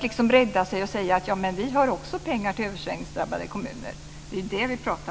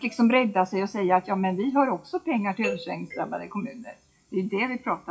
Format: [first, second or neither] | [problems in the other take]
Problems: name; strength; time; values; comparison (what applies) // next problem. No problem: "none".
first | noise reduction (classical method WPE with log-MMSE)